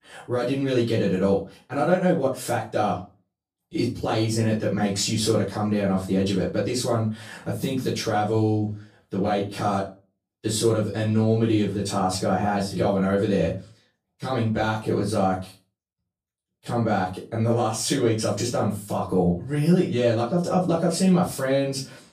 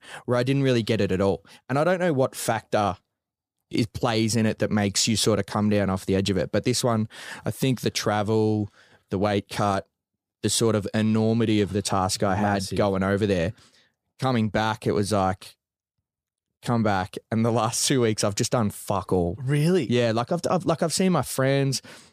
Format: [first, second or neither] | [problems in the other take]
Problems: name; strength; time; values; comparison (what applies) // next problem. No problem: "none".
second | off-mic speech; far // room echo; slight; dies away in 0.3 s